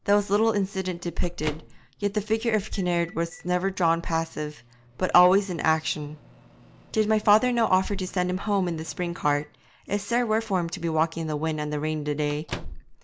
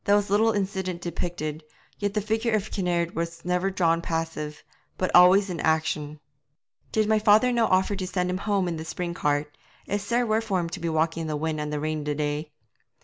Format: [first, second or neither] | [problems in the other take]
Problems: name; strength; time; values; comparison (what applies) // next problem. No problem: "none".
second | background sound (Microwave oven); 19 dB below the speech